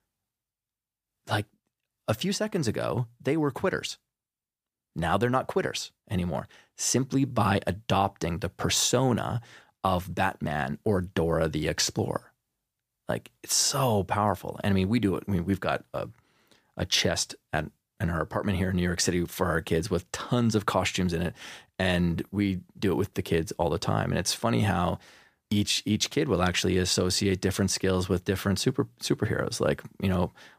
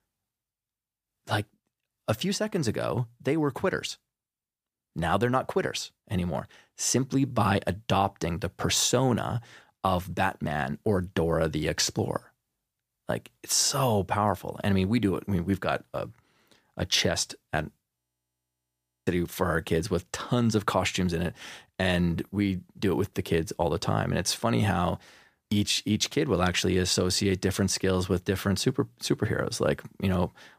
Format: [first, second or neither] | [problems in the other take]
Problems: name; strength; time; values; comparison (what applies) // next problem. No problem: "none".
first | audio freezing; at 18 s for 1 s